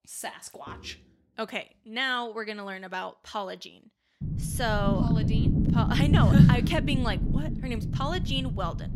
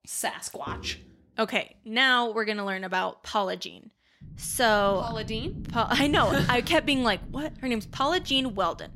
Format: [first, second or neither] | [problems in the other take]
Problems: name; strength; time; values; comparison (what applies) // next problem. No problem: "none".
second | low rumble; loud; from 4 s on; 3 dB below the speech; faint in the second